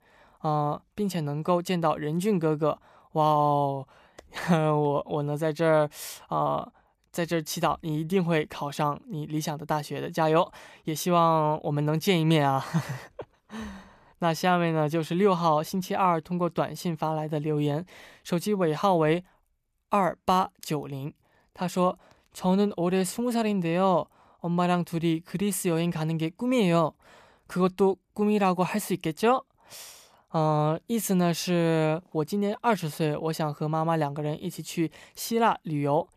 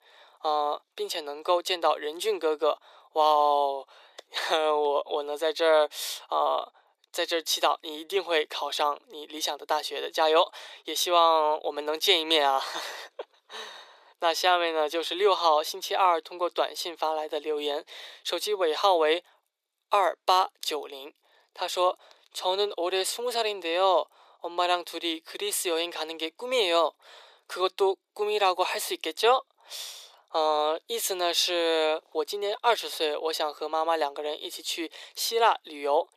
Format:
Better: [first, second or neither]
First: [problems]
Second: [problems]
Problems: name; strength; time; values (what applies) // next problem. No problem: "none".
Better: first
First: none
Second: thin; very; fading below 400 Hz